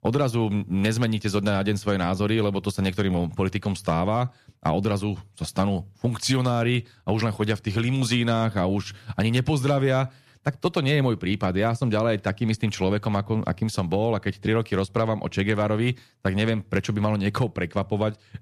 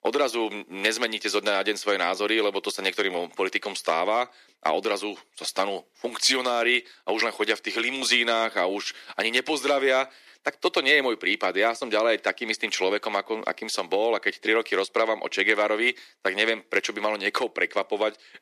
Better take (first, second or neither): first